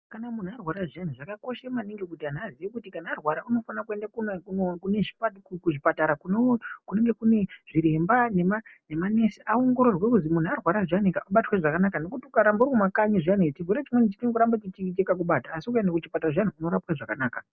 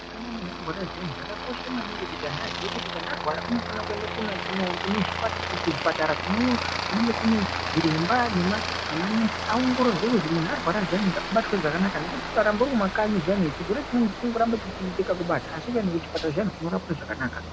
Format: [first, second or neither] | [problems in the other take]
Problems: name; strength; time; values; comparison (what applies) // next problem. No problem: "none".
first | background sound (Aircraft); 5 dB below the speech